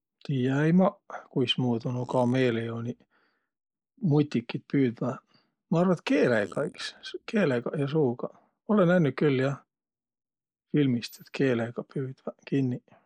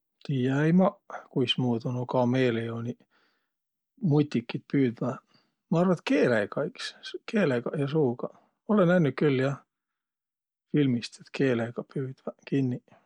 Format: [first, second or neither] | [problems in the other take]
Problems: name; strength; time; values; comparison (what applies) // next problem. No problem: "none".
second | noise reduction (neural mask model Resemble Enhance denoiser)